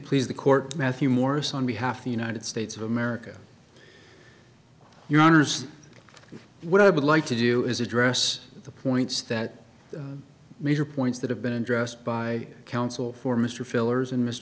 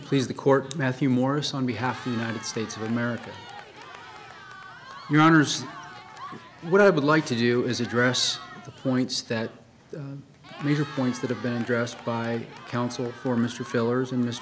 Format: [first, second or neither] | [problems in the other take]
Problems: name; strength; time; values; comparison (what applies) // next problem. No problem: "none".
first | background sound (Cheering); 18 dB below the speech